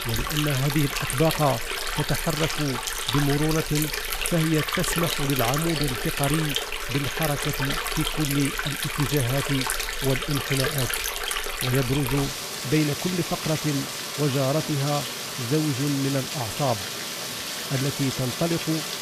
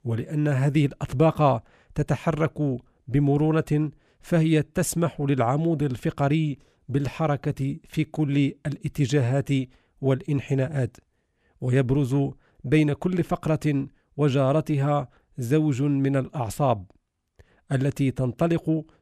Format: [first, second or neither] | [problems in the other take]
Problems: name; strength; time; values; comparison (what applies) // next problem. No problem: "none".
second | rain or running water; loud; throughout; 1 dB below the speech